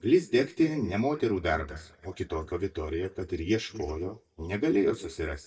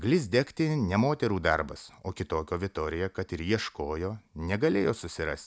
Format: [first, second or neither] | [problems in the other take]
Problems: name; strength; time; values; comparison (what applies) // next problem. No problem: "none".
second | noise reduction (neural mask model DeepFilterNet 3)